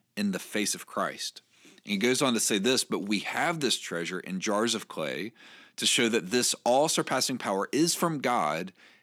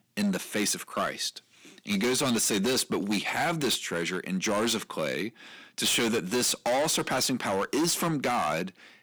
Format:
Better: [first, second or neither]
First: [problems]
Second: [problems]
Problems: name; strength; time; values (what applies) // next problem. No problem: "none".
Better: first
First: none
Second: distortion; heavy; 14% of the sound clipped